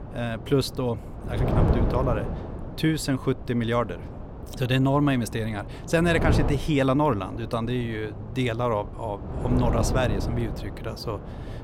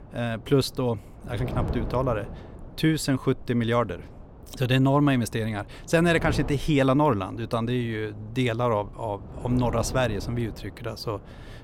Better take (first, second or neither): second